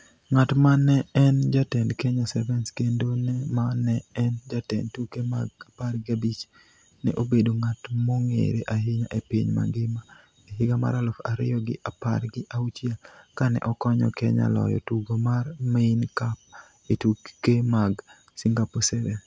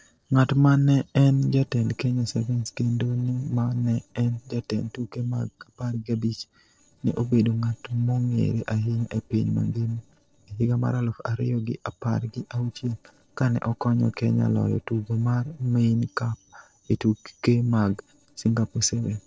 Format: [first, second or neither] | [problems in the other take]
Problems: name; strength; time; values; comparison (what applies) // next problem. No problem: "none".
first | noise reduction (neural separator model SepFormer DNS4)